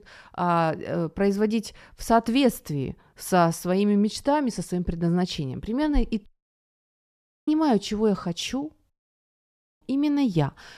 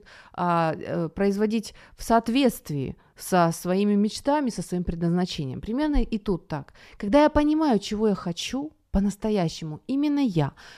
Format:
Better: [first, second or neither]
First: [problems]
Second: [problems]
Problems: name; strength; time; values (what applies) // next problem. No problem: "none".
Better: second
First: audio cutting out; at 6.5 s for 1 s and at 9 s for 1 s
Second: none